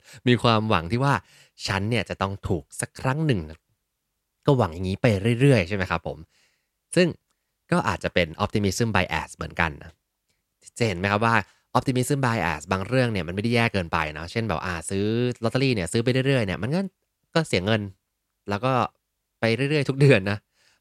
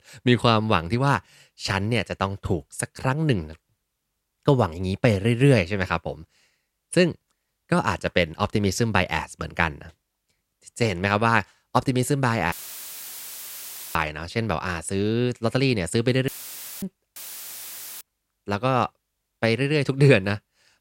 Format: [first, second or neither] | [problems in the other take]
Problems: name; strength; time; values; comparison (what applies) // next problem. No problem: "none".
first | audio cutting out; filled with static; at 13 s for 1.5 s, at 16 s for 0.5 s and at 17 s for 1 s